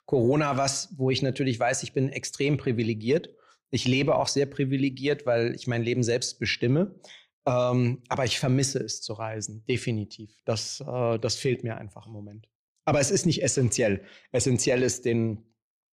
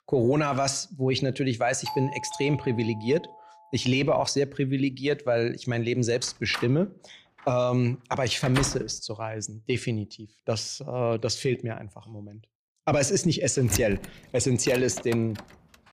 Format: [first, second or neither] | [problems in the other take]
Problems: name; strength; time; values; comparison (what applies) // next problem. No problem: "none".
first | doorbell; noticeable; from 2 to 3.5 s; peak 8 dB below the speech // door banging; noticeable; from 6.5 to 9 s and from 14 to 15 s; peak 5 dB below the speech